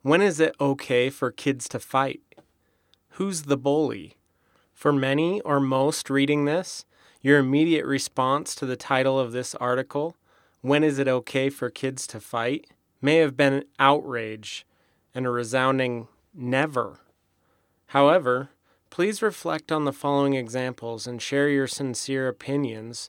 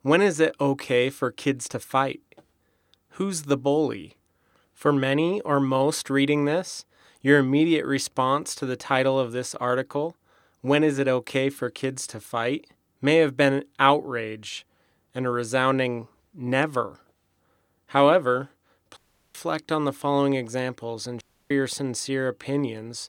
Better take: first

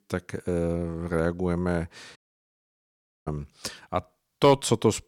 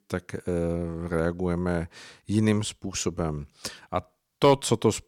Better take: second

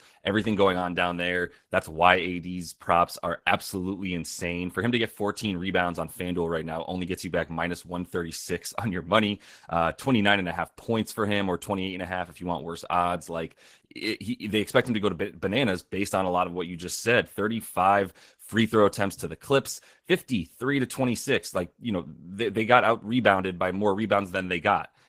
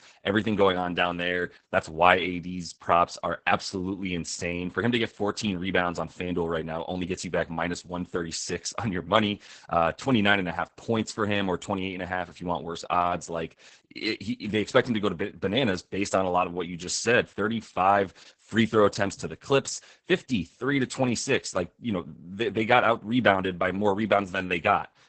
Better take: first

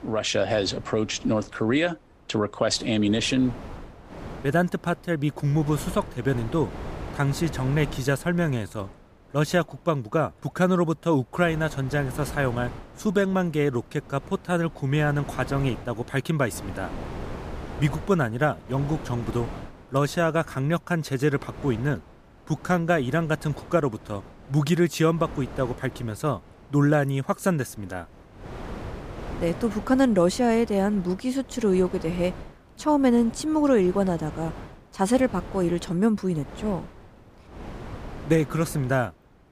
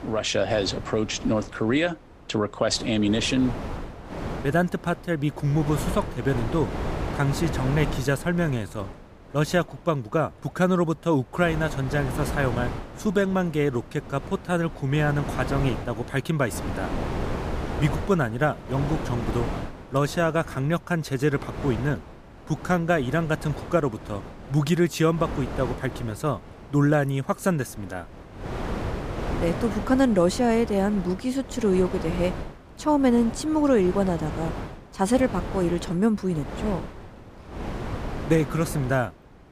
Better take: first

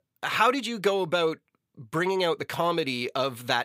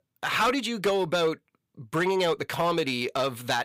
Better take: first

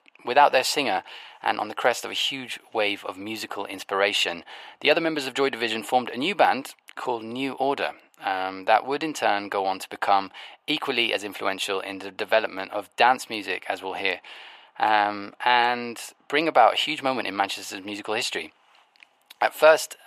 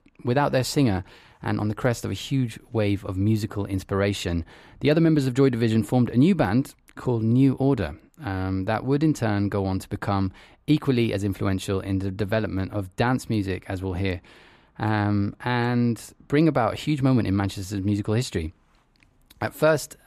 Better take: second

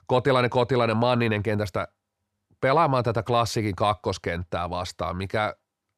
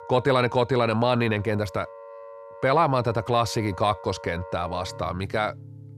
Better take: first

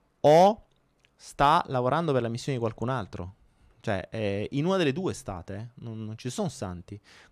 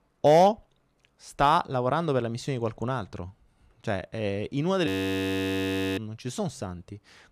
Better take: first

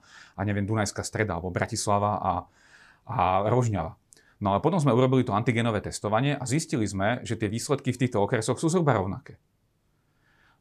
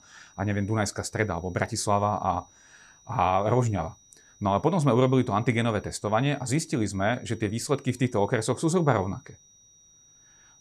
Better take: first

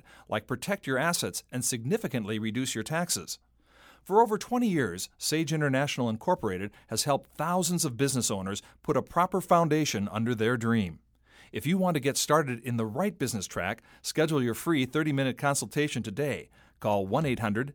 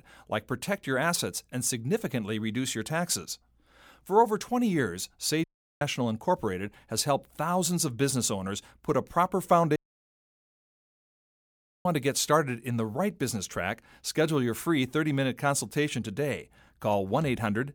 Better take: first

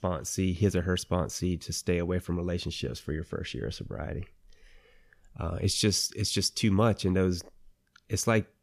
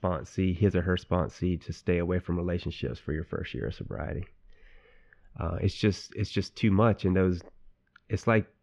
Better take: first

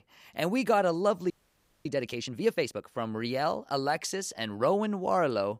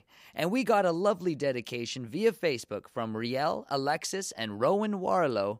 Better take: second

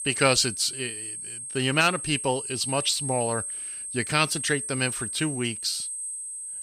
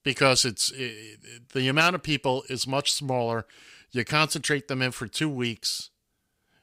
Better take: second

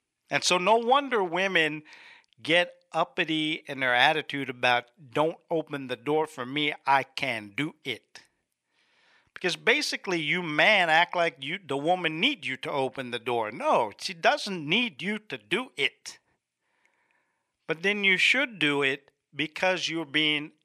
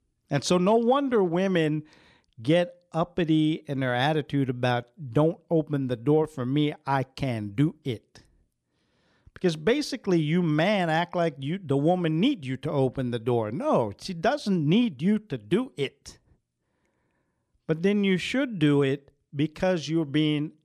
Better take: second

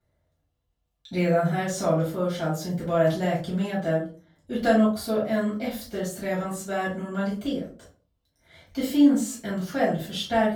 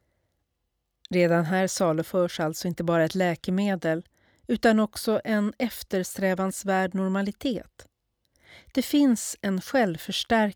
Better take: second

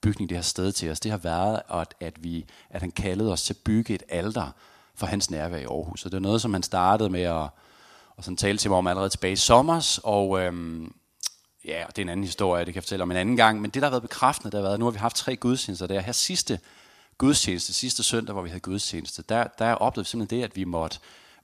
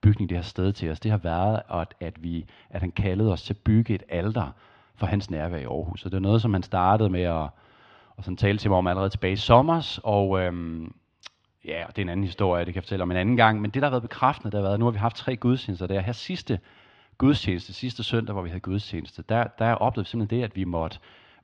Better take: first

